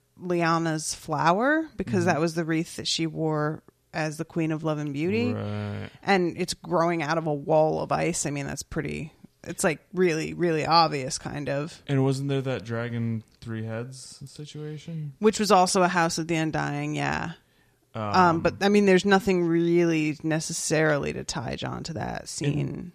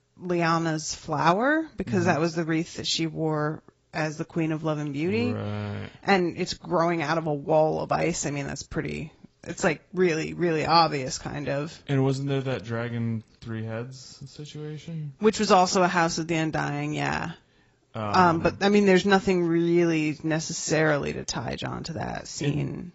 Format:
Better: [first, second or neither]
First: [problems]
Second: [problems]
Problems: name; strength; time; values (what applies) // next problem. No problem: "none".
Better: first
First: none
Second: garbled, watery; badly; nothing above 7.5 kHz